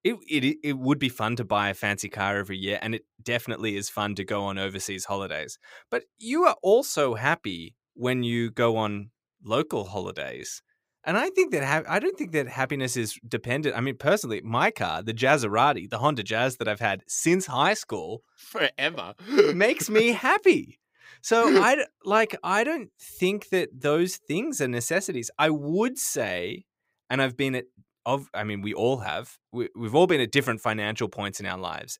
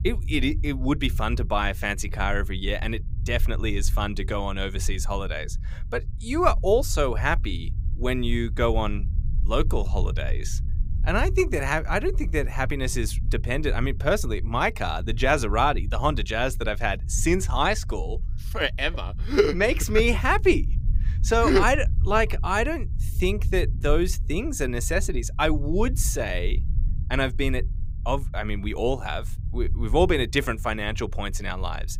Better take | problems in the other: first | low rumble; faint; throughout; 25 dB below the speech

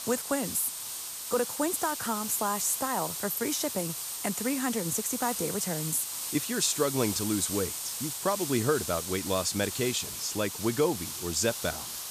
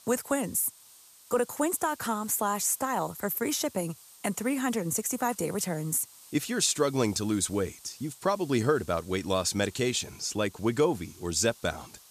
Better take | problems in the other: second | hiss; loud; throughout; 4 dB below the speech; faint in the second

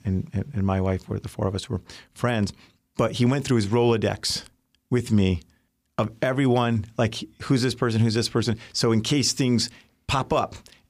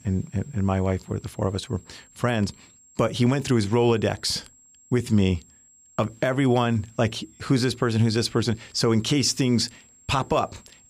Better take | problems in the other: first | high-pitched whine; faint; throughout; 7.5 kHz, 30 dB below the speech

